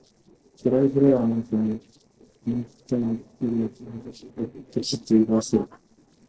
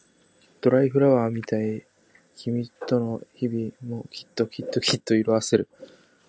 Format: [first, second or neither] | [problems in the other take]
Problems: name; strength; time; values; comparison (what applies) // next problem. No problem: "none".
second | noise reduction (neural separator model SepFormer DNS4)